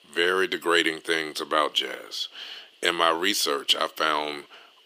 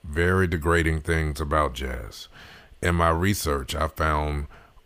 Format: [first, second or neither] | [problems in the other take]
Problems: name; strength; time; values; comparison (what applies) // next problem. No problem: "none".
second | thin; very; fading below 300 Hz